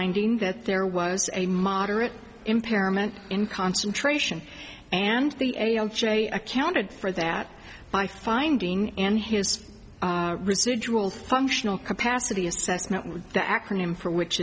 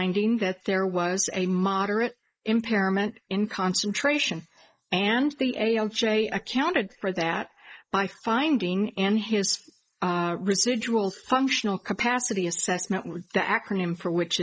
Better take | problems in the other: first | noise reduction (neural mask model Resemble Enhance denoiser)

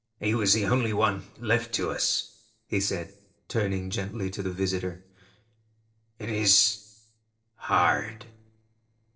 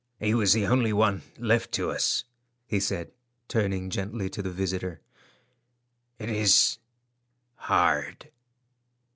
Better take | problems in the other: second | noise reduction (neural separator model SepFormer DNS4)

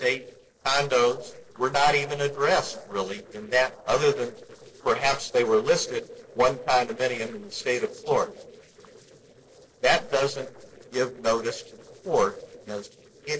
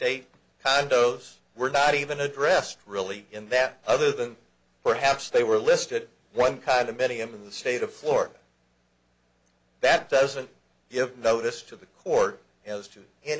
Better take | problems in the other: second | noise reduction (neural separator model SepFormer DNS4)

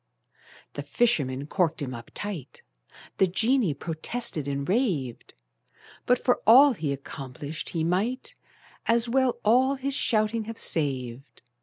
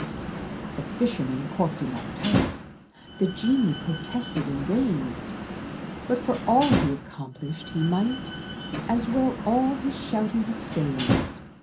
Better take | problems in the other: first | background sound (Slam); 4 dB below the speech // room echo; dies away in 0.3 s

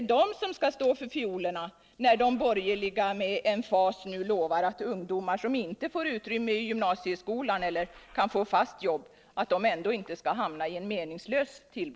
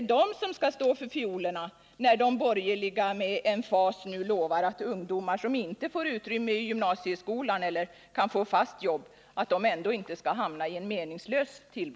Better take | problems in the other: second | noise reduction (neural separator model SepFormer DNS4)

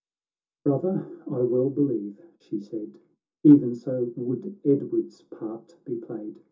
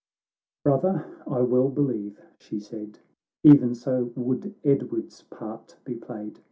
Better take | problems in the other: second | room echo; dies away in 0.2 s

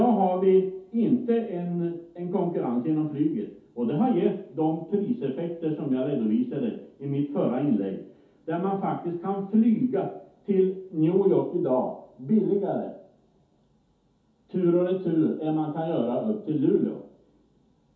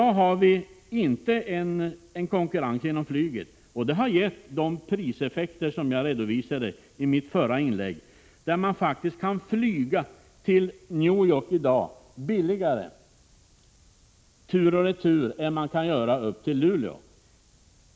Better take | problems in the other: second | room echo; dies away in 0.5 s

